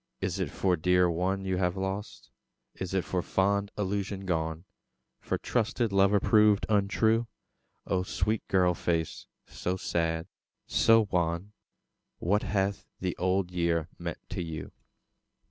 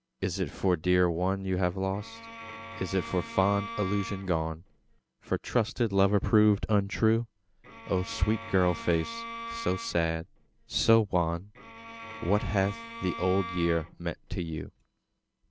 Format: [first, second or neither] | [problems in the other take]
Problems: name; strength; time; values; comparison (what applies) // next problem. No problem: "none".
first | background sound (Bowed string instrument); 13 dB below the speech